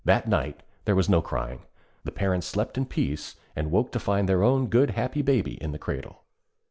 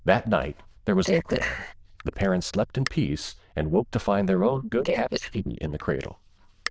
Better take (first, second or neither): first